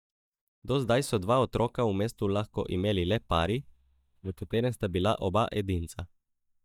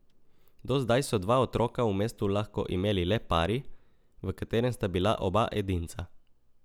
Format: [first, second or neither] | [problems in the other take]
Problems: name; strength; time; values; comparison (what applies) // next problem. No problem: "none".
second | noise reduction (neural mask model DeepFilterNet 3)